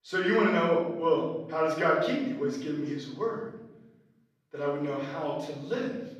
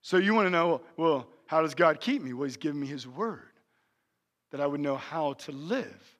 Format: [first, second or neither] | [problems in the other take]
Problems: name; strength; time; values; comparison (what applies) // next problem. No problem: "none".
second | off-mic speech; far // room echo; noticeable; dies away in 1 s